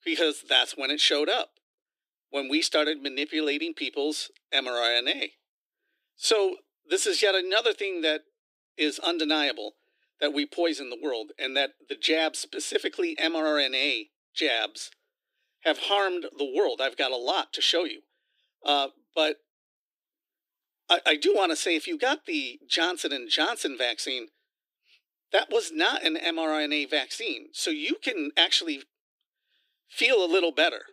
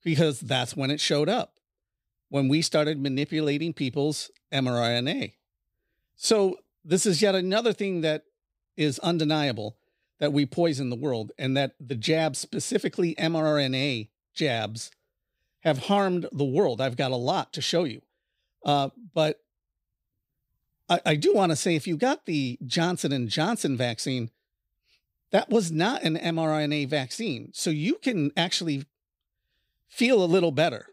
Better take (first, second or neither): second